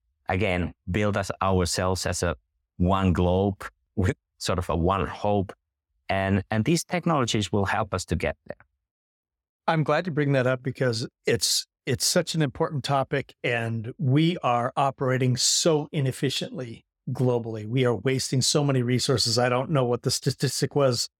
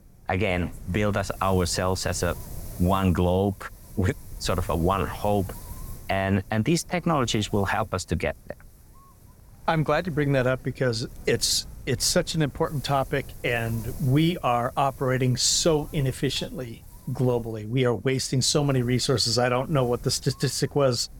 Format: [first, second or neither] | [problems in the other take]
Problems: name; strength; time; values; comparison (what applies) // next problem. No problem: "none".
first | wind noise on the microphone; occasional gusts; 25 dB below the speech